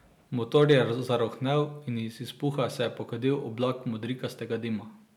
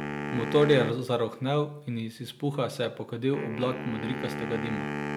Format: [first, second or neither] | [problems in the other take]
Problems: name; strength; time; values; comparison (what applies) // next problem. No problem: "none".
first | background sound (Wind instrument, woodwind instrument); 7 dB below the speech